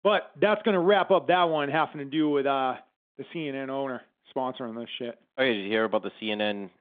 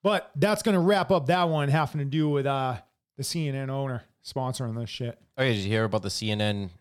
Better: second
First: phone-call audio; nothing above 3.5 kHz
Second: none

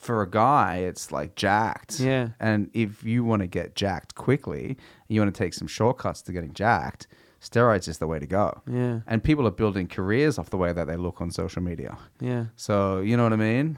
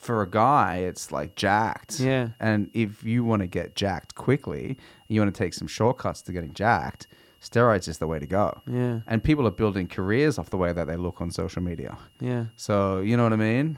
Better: first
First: none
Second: high-pitched whine; faint; throughout; 3 kHz, 35 dB below the speech

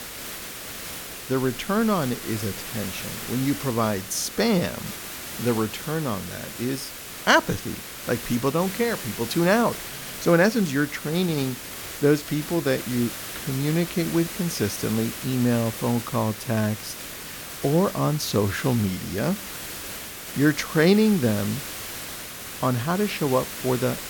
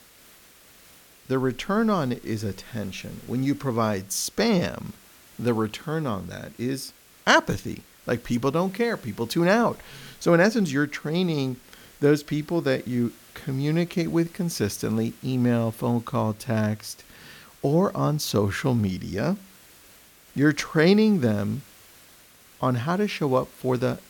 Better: second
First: hiss; loud; throughout; 9 dB below the speech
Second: hiss; faint; throughout; 25 dB below the speech

